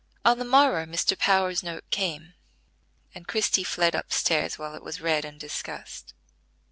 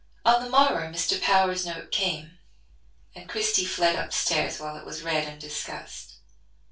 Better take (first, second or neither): first